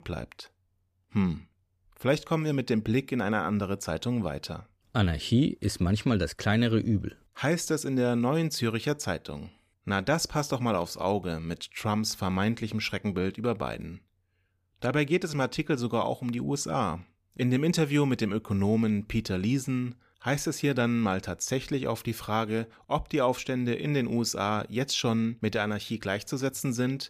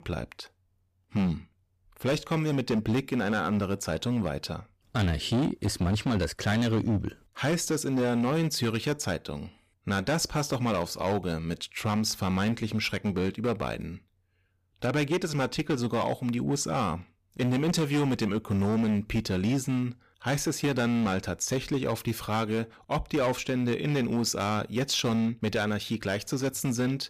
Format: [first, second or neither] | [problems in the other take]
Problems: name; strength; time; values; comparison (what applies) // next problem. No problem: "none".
first | distortion; slight; 11% of the sound clipped